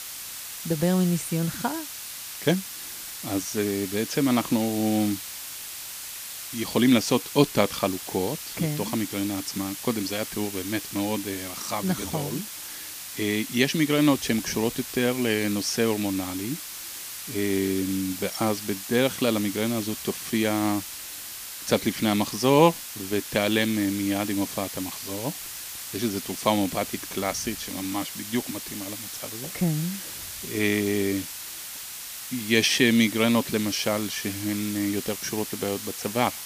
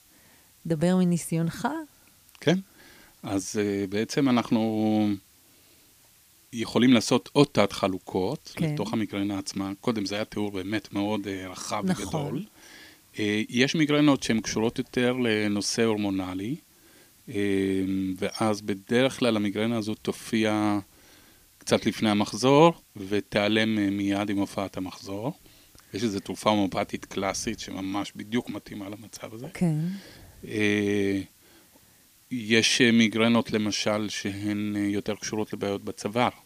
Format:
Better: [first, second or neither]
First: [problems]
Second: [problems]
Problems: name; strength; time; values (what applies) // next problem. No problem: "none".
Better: second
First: hiss; loud; throughout; 8 dB below the speech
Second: hiss; faint; throughout; 30 dB below the speech